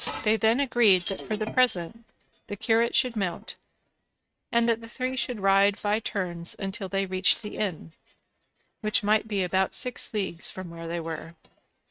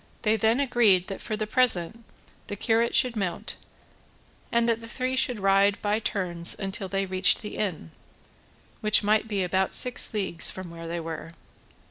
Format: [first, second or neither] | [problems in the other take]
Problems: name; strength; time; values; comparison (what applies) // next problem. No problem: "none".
second | noise reduction (neural mask model RNNoise)